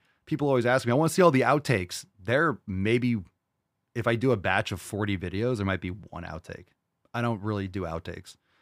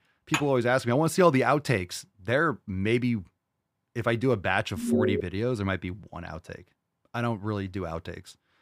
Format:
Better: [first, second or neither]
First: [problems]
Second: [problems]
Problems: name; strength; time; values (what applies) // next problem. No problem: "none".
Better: first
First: none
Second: clattering dishes; noticeable; at 0.5 s; peak 4 dB below the speech // alarm; loud; at 5 s; peak 1 dB above the speech